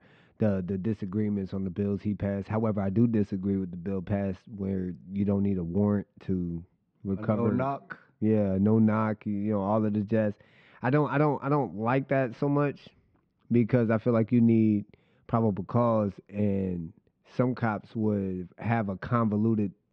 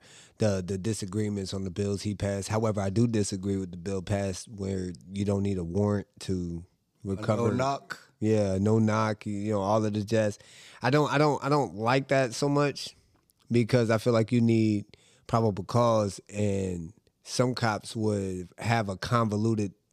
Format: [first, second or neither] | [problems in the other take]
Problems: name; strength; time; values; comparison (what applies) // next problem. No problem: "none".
second | muffled; very; fading above 2.5 kHz